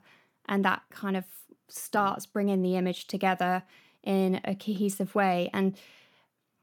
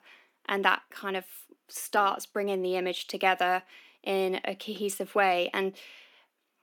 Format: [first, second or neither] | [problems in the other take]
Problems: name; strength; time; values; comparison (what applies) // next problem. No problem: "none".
first | thin; somewhat; fading below 300 Hz